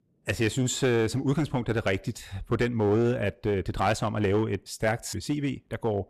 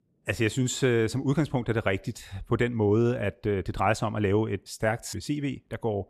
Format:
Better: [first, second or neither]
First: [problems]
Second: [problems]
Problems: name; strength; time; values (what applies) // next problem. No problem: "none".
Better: second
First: distortion; slight; 6% of the sound clipped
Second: none